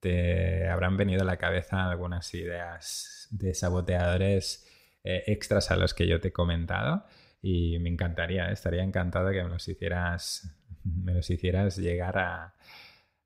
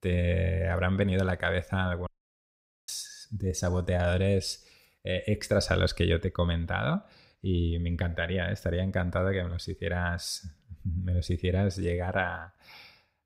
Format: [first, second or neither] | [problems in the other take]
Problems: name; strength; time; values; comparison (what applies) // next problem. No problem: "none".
first | audio cutting out; at 2 s for 1 s